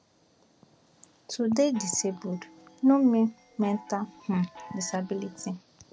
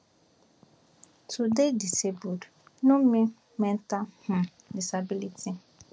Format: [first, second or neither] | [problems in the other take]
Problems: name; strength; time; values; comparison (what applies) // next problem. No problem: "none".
second | background sound (Chime); 20 dB below the speech